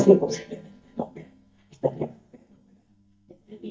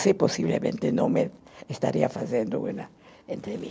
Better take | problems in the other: second | noise reduction (neural mask model DeepFilterNet 3)

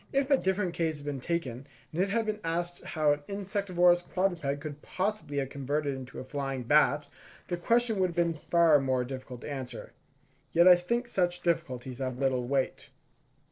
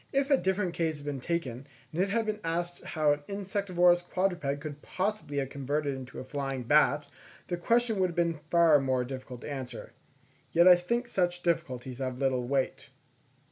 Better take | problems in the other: second | noise reduction (neural separator model SepFormer DNS4)

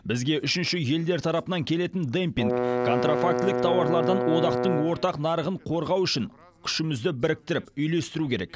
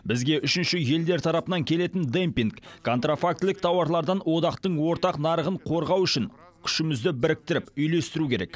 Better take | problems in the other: second | background sound (Bowed string instrument); 1 dB below the speech

